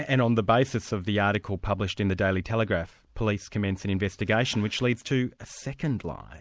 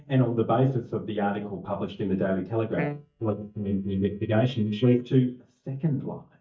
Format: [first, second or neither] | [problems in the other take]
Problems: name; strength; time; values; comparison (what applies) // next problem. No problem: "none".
first | noise reduction (neural mask model DeepFilterNet 3)